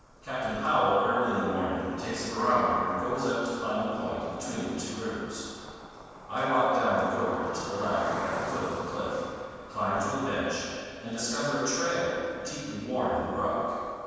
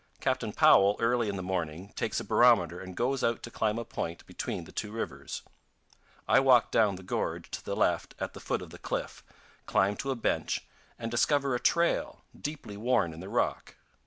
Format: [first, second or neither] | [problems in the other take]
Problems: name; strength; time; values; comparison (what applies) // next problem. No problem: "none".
second | background sound (Cricket); 14 dB below the speech // room echo; dies away in 2.1 s